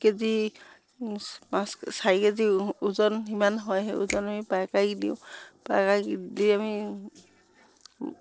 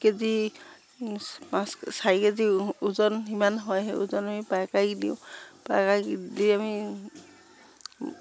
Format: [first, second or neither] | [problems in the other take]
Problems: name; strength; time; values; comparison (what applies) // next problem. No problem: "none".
second | noise reduction (neural separator model SepFormer DNS4)